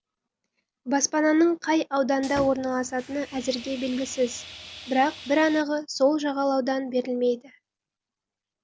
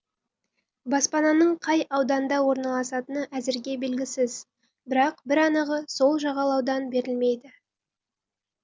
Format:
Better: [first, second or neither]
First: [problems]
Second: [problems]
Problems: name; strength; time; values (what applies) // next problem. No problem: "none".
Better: second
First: background sound (Sawing); 16 dB below the speech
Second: none